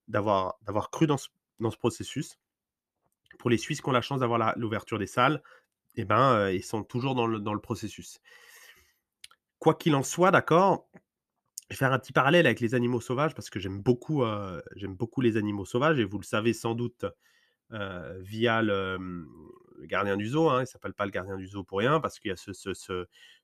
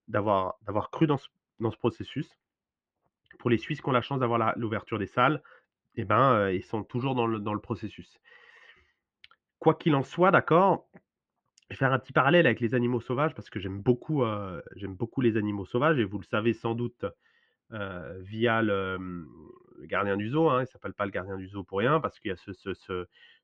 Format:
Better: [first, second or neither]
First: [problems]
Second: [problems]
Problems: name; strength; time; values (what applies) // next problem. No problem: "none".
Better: first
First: none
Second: muffled; very; fading above 3 kHz